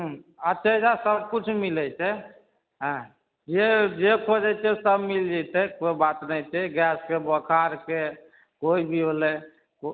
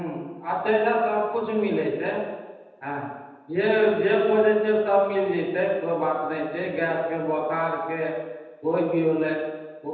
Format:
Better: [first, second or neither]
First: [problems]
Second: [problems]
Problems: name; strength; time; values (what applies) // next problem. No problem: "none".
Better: first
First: none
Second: room echo; dies away in 1.1 s